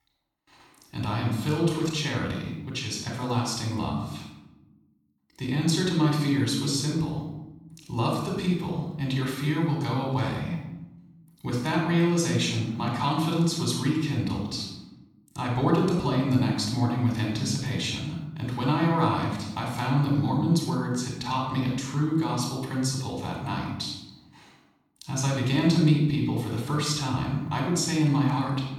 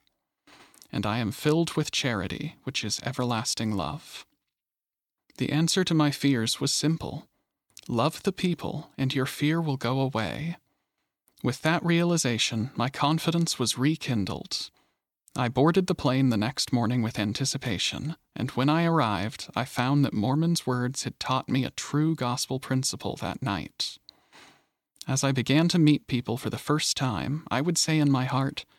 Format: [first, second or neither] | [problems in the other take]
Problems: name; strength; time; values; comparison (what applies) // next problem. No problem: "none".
second | off-mic speech; somewhat distant // room echo; noticeable; dies away in 0.9 s